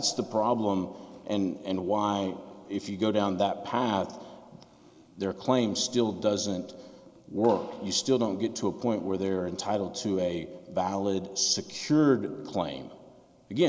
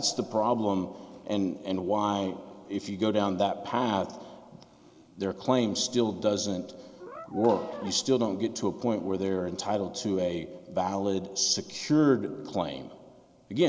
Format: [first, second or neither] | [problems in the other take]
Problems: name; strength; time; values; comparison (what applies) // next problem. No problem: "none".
first | background sound (Brass instrument); 15 dB below the speech